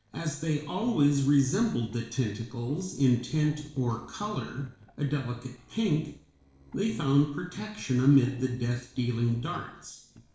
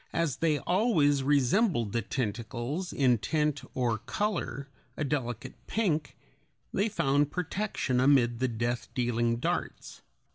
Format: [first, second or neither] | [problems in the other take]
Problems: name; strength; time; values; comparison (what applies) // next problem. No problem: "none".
second | noise reduction (neural separator model SepFormer DNS4)